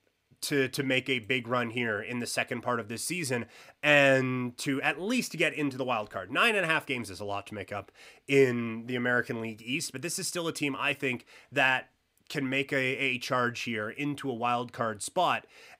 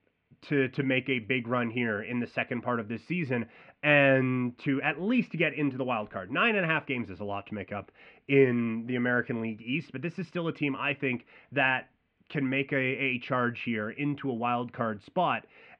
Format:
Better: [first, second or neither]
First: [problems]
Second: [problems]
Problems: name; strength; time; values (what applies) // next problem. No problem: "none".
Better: first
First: none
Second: muffled; very; fading above 2.5 kHz